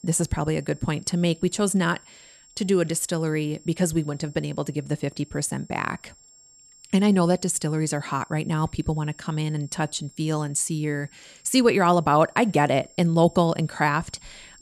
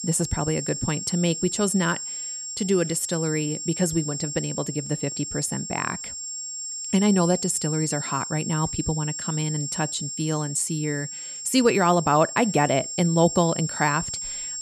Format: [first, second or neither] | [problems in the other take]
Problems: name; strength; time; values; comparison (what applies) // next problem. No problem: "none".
first | high-pitched whine; loud; throughout; 7.5 kHz, 6 dB below the speech; faint in the first